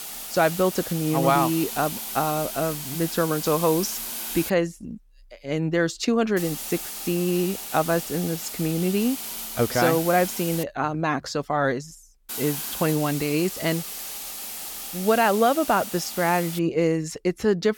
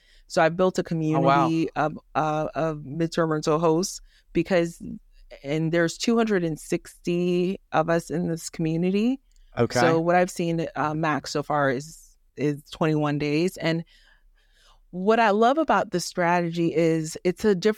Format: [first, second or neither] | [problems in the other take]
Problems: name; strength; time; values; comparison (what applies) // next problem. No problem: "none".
second | hiss; loud; until 4.5 s, from 6.5 to 11 s and from 12 to 17 s; 7 dB below the speech